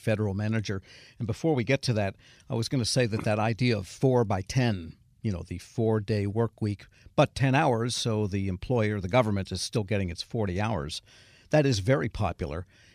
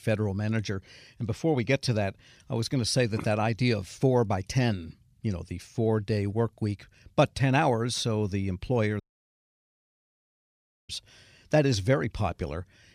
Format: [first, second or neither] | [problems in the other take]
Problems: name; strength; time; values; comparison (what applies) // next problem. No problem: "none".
first | audio cutting out; at 9 s for 2 s